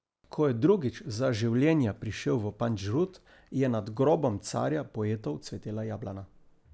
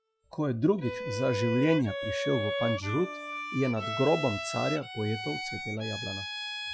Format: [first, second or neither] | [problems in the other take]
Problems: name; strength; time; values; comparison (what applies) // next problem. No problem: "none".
first | noise reduction (classical method Wiener filter)